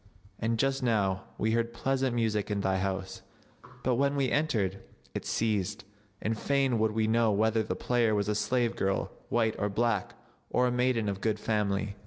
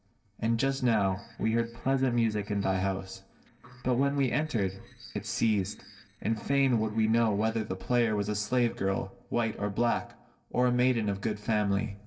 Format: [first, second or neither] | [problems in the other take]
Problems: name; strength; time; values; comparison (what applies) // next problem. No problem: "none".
first | noise reduction (neural separator model SepFormer DNS4)